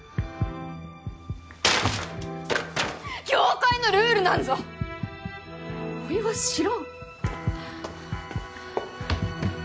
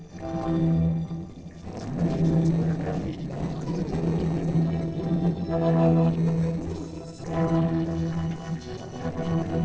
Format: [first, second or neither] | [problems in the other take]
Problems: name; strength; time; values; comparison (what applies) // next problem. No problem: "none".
first | noise reduction (neural separator model SepFormer DNS4)